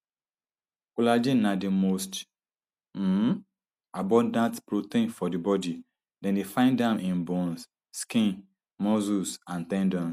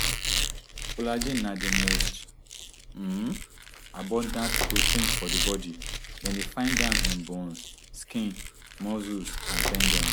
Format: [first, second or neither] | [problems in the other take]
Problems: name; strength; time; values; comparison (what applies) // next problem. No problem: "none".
first | background sound (Squeak); 4 dB above the speech